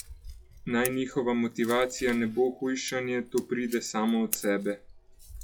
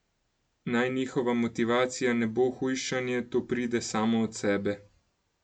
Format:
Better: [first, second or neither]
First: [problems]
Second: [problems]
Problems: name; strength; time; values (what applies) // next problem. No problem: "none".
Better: second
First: noise reduction (classical method log-MMSE)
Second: none